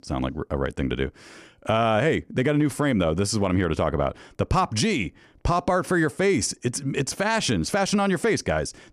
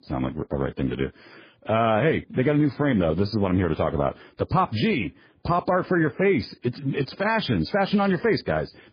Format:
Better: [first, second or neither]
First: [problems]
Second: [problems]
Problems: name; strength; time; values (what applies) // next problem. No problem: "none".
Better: first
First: none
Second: garbled, watery; badly; nothing above 5 kHz